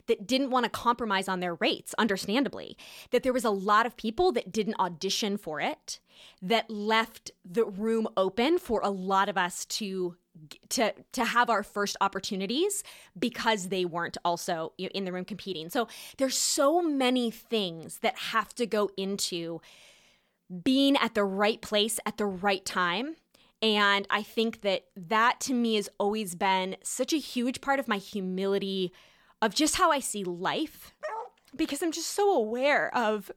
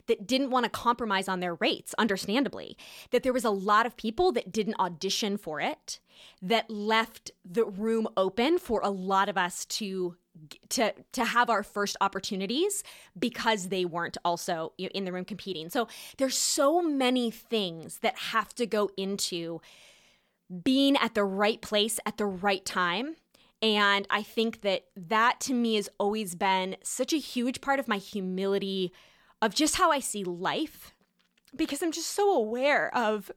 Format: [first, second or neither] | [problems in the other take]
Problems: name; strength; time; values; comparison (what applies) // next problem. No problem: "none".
second | dog barking; noticeable; at 31 s; peak 9 dB below the speech